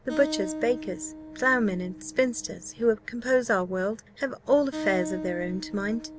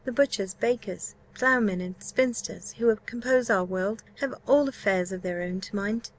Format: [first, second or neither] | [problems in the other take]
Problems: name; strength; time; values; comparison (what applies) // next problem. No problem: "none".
second | background sound (Acoustic guitar); 11 dB below the speech